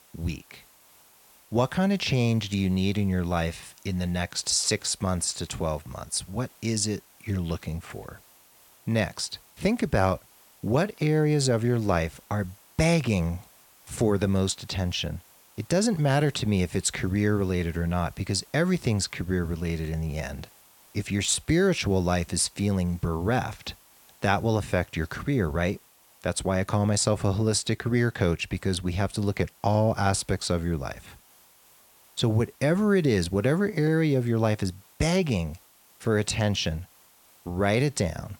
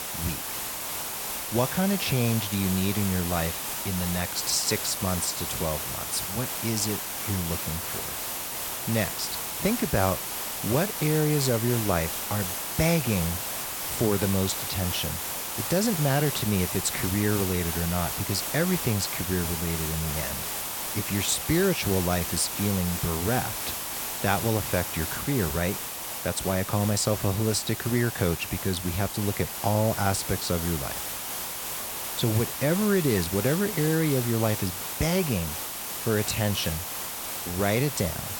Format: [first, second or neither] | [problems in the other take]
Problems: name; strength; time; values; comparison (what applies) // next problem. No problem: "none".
first | hiss; loud; throughout; 3 dB below the speech; faint in the first